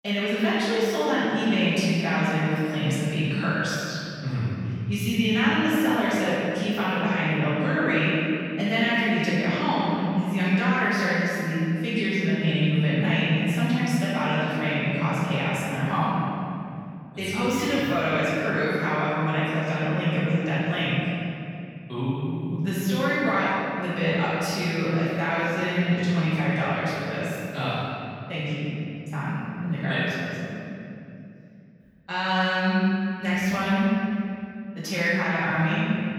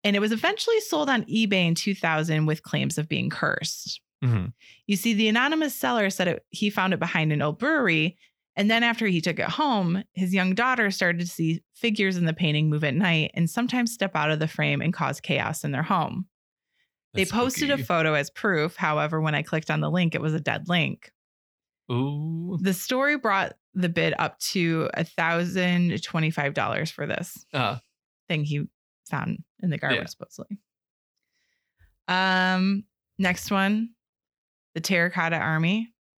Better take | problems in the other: second | off-mic speech; far // room echo; strong; dies away in 2.6 s

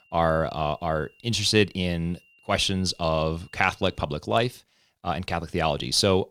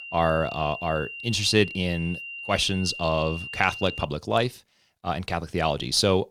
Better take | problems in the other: first | high-pitched whine; loud; until 4 s; 3 kHz, 10 dB below the speech; faint in the first

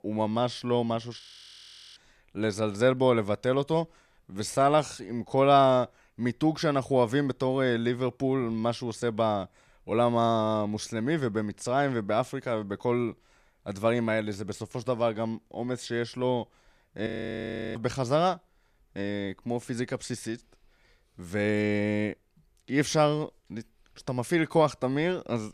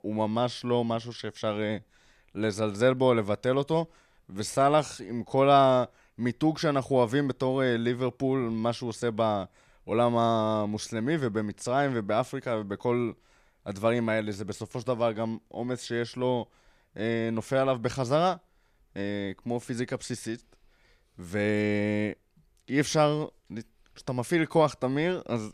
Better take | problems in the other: second | audio freezing; at 1 s for 1 s and at 17 s for 0.5 s

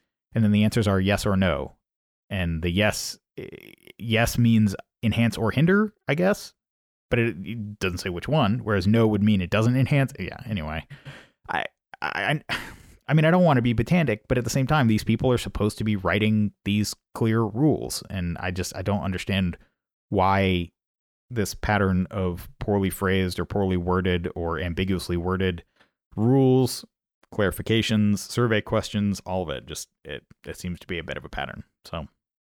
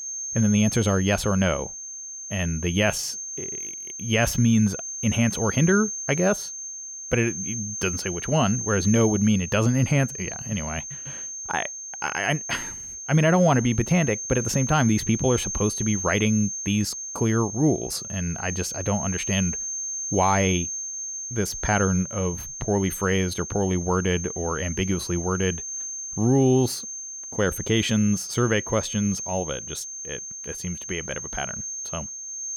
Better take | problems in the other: first | high-pitched whine; loud; throughout; 6.5 kHz, 7 dB below the speech

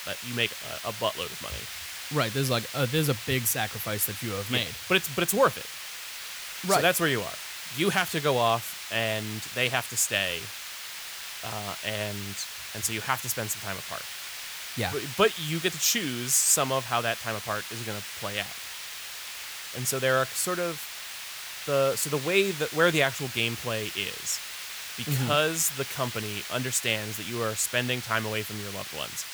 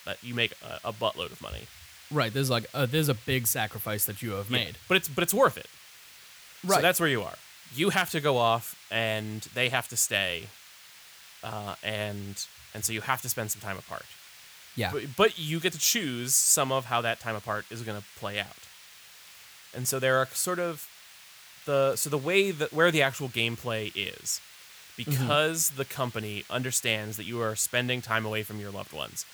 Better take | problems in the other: second | hiss; loud; throughout; 8 dB below the speech; faint in the second

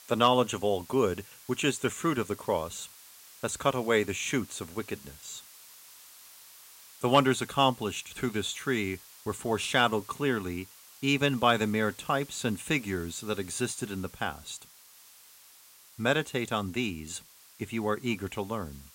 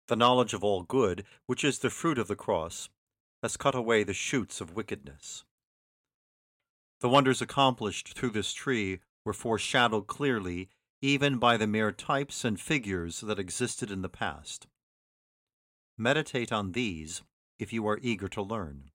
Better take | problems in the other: second | hiss; faint; throughout; 20 dB below the speech

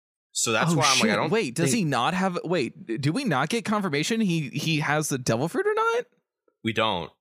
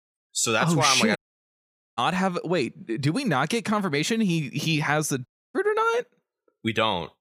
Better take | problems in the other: first | audio cutting out; at 1 s for 1 s and at 5.5 s

